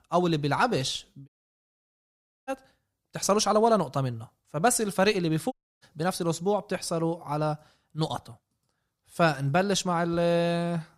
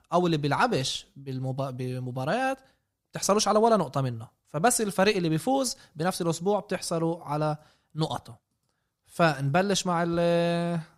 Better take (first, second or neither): second